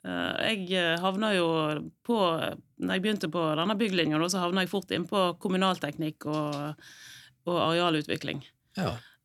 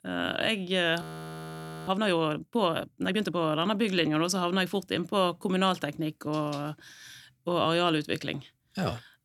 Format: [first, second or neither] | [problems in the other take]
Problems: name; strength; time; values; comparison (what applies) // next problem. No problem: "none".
first | audio freezing; at 1 s for 1 s